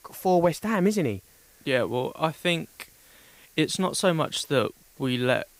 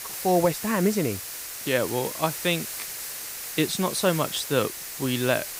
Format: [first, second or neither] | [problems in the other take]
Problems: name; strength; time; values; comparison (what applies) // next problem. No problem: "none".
first | hiss; loud; throughout; 7 dB below the speech; faint in the first